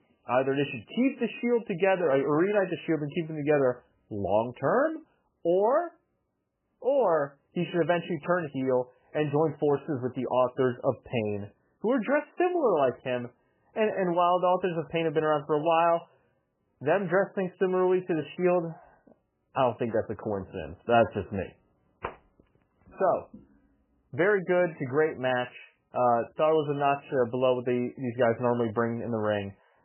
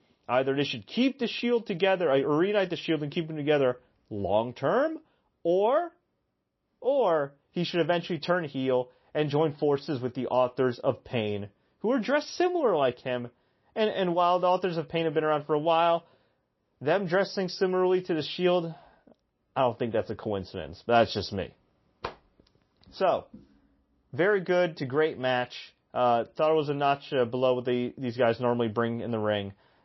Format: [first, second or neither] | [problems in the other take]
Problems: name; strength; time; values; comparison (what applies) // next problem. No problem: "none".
second | garbled, watery; badly; nothing above 3 kHz; slightly in the second